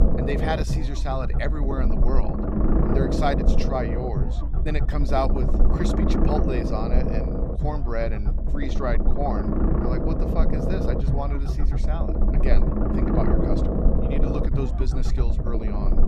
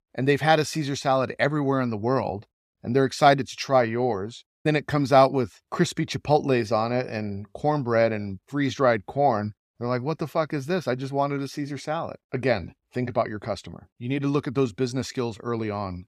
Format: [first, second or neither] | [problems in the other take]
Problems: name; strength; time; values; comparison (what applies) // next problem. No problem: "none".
second | low rumble; loud; throughout; 1 dB below the speech